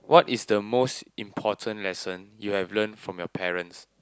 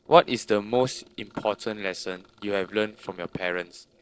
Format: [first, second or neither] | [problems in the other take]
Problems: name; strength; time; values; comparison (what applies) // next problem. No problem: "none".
first | noise reduction (neural separator model SepFormer DNS4)